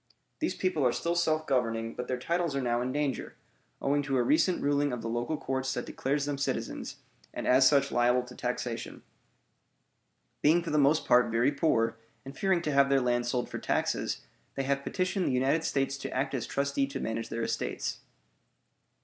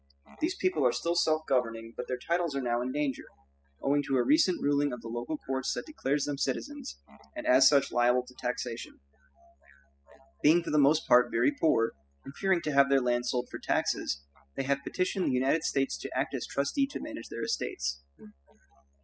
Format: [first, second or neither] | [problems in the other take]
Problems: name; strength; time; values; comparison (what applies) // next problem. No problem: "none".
first | noise reduction (classical method spectral subtraction)